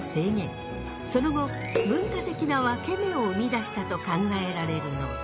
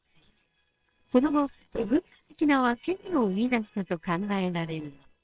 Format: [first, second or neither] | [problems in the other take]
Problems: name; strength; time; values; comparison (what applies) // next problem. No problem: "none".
first | noise reduction (neural separator model SepFormer WHAMR!)